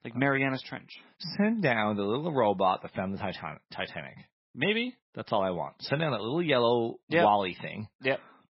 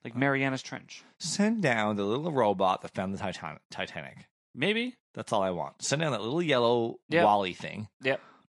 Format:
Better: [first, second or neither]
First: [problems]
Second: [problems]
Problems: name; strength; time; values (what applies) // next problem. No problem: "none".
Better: second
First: garbled, watery; badly; nothing above 5.5 kHz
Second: garbled, watery; slightly; nothing above 11 kHz